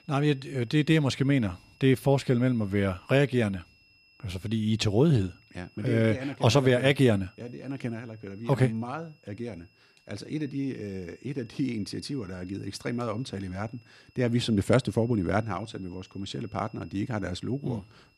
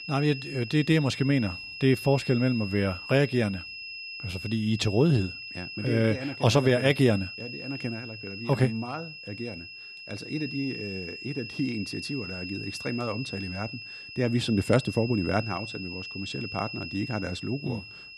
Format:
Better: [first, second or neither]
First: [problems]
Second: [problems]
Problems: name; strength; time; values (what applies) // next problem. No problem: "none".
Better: first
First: high-pitched whine; faint; throughout; 2.5 kHz, 30 dB below the speech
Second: high-pitched whine; loud; throughout; 2.5 kHz, 10 dB below the speech